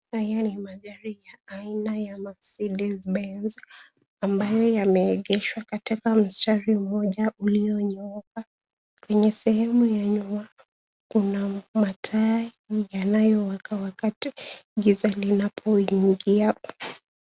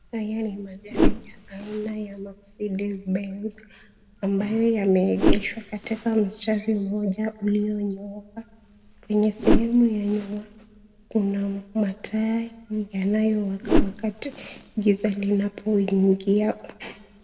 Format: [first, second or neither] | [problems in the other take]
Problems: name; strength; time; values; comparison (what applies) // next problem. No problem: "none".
first | background sound (Whoosh, swoosh, swish); 3 dB below the speech // room echo; dies away in 0.9 s